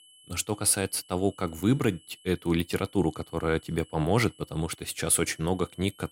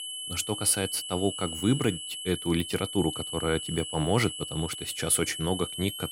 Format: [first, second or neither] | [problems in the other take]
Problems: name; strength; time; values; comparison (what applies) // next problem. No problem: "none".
first | high-pitched whine; loud; throughout; 3 kHz, 6 dB below the speech; faint in the first